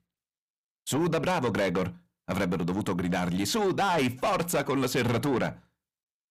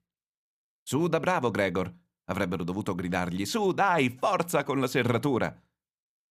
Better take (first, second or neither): second